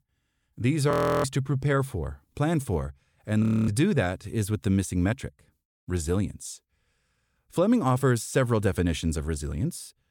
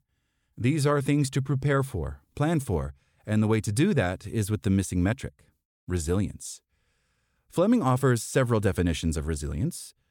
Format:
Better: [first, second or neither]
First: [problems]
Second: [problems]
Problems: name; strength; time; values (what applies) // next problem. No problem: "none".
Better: second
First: audio freezing; at 1 s and at 3.5 s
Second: none